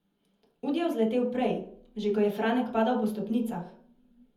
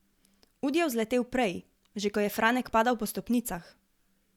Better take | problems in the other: second | room echo; dies away in 0.7 s

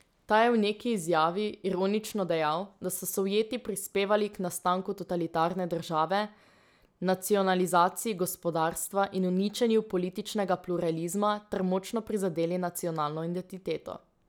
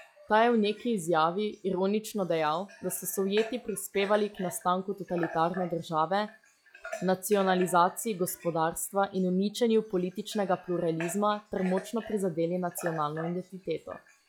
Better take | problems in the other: first | noise reduction (classical method log-MMSE)

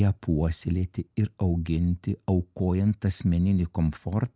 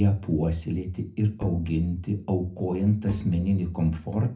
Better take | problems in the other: first | background sound (Bowed string instrument); 16 dB below the speech // room echo; dies away in 0.3 s

